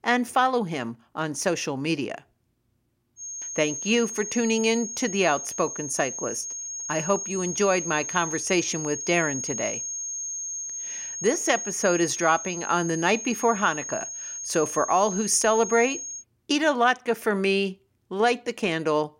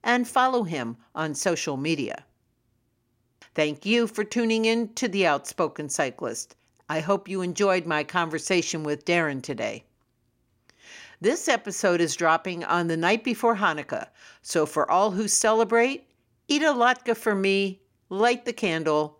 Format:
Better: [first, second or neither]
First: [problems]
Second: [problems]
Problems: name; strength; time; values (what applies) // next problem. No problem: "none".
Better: second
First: high-pitched whine; loud; from 3 to 16 s; 6.5 kHz, 6 dB below the speech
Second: none